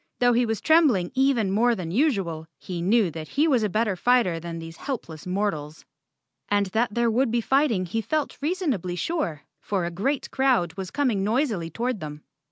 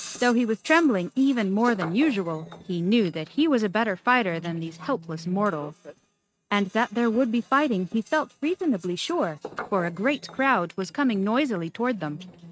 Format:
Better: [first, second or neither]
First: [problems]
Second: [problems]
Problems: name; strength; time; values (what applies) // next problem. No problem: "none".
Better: first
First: none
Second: noise reduction (neural mask model RNNoise)